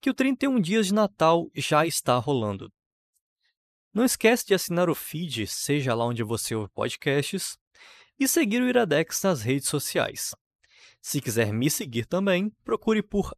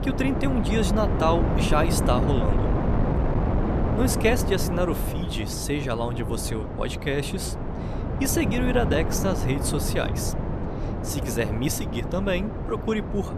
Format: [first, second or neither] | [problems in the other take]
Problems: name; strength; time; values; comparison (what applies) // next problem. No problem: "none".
first | wind noise on the microphone; heavy; 4 dB below the speech